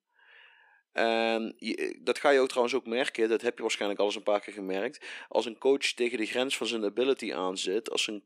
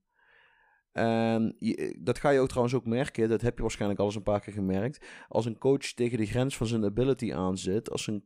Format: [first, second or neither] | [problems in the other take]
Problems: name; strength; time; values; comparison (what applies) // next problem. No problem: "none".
second | thin; somewhat; fading below 300 Hz